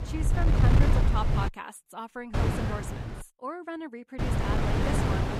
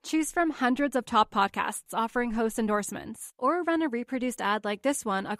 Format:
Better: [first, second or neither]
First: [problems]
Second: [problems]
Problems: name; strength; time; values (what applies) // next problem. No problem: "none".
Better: second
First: wind noise on the microphone; heavy; until 1.5 s, at 2.5 s and from 4 s on; 3 dB above the speech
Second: none